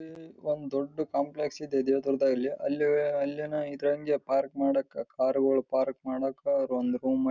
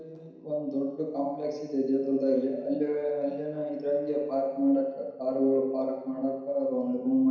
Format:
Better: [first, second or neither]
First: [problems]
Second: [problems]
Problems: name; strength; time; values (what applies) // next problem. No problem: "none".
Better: first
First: none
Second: room echo; dies away in 1 s